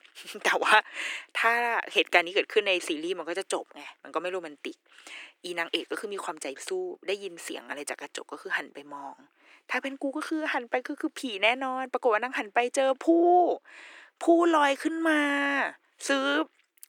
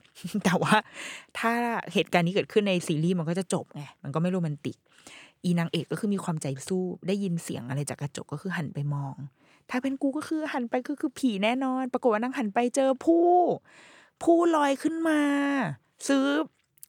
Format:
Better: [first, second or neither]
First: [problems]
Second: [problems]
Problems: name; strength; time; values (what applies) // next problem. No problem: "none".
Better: second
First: thin; somewhat; fading below 300 Hz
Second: none